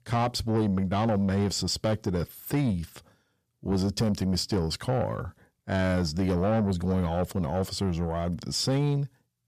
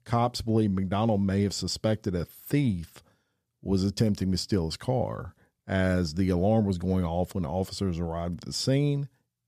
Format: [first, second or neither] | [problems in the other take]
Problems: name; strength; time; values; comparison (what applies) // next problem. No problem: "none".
second | distortion; slight; 10 dB below the speech